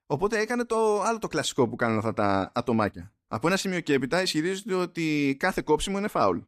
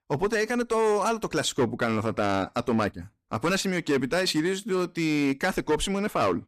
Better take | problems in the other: first | distortion; slight; 7% of the sound clipped

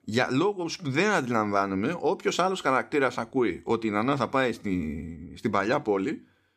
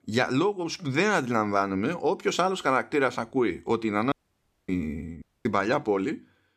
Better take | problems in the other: first | audio cutting out; at 4 s for 0.5 s and at 5 s

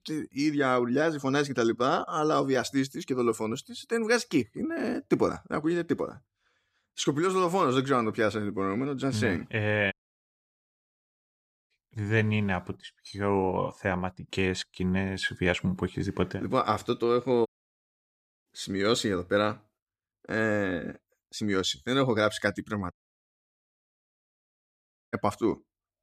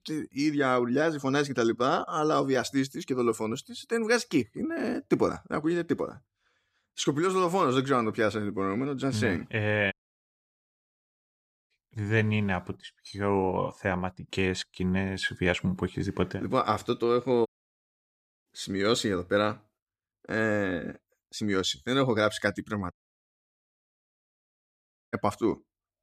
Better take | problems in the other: neither | audio cutting out; at 10 s for 2 s, at 17 s for 1 s and at 23 s for 2 s; the same in both

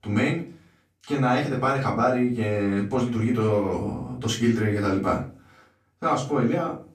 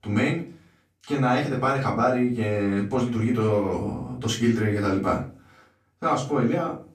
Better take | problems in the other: neither | room echo; slight; dies away in 0.3 s; the same in both // off-mic speech; far; the same in both

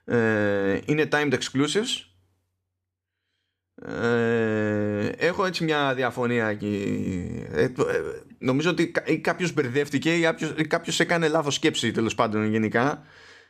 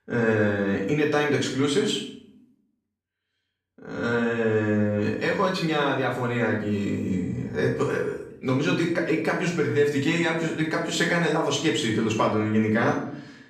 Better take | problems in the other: first | room echo; noticeable; dies away in 0.6 s // off-mic speech; far

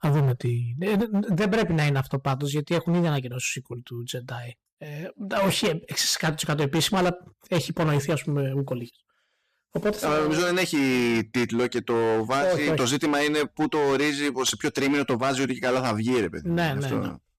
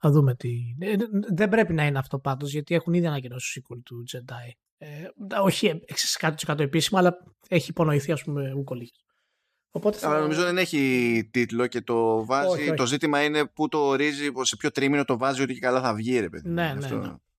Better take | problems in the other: second | distortion; heavy; 15% of the sound clipped

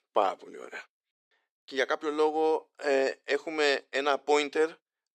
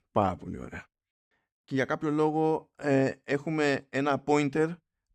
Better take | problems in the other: second | thin; somewhat; fading below 400 Hz

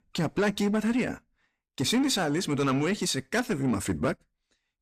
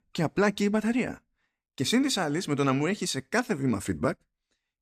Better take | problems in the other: second | distortion; slight; 10 dB below the speech

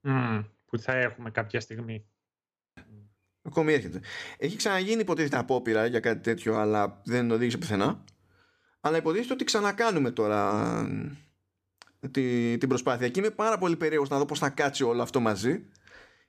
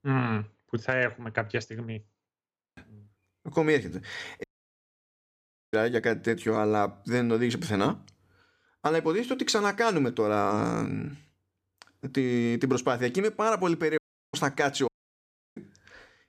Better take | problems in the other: first | audio cutting out; at 4.5 s for 1.5 s, at 14 s and at 15 s for 0.5 s

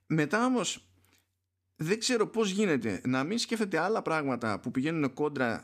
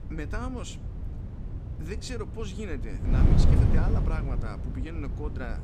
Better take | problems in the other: first | wind noise on the microphone; heavy; 1 dB below the speech

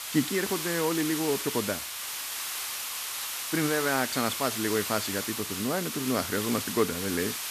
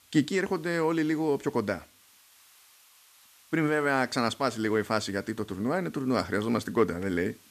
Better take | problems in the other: second | hiss; loud; throughout; 2 dB below the speech; faint in the second

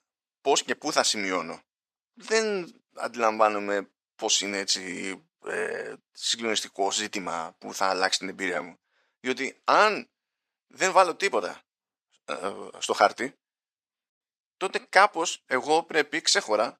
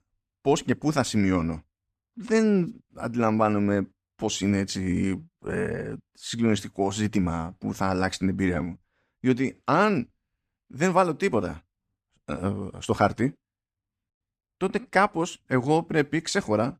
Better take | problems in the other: second | thin; very; fading below 600 Hz

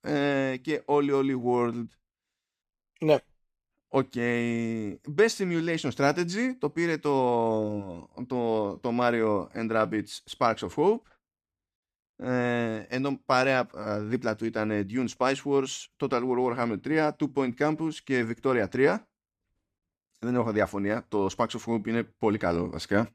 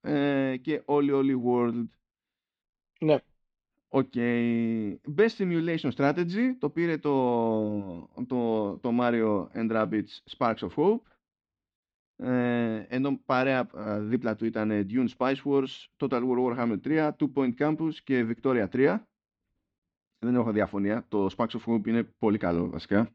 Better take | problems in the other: first | muffled; slightly; fading above 4 kHz

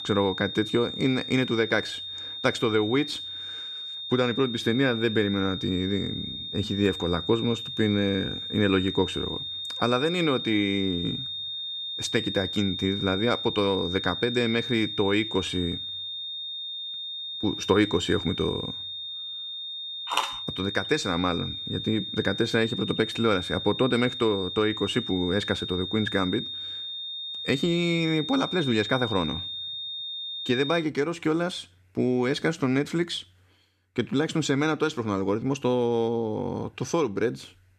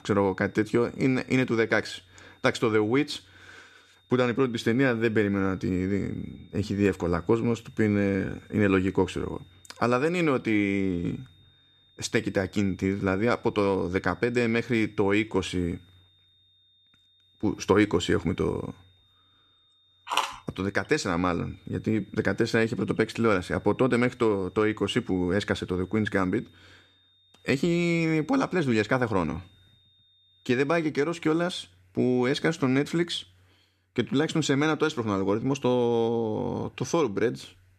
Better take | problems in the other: second | high-pitched whine; loud; until 31 s; 3.5 kHz, 6 dB below the speech; faint in the second

